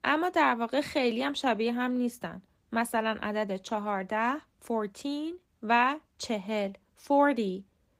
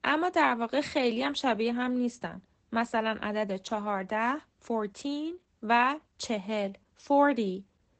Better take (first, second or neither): first